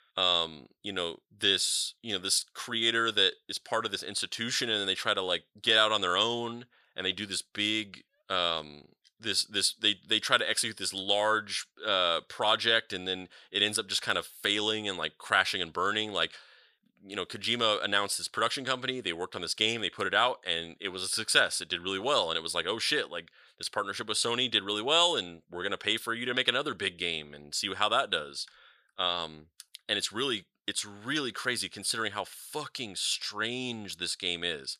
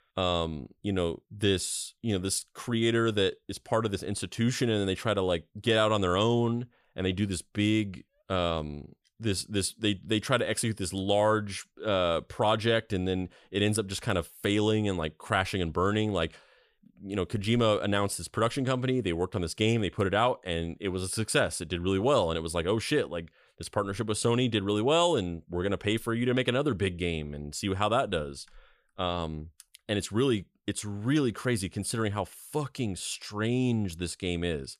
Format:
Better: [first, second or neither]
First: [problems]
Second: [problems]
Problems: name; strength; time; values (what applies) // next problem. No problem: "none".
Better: second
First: thin; somewhat; fading below 850 Hz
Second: none